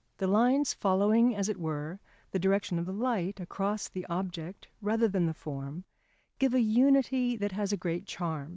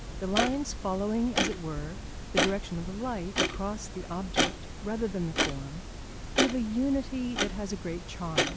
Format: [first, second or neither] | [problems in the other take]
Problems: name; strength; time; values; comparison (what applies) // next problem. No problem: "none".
first | background sound (Clock); as loud as the speech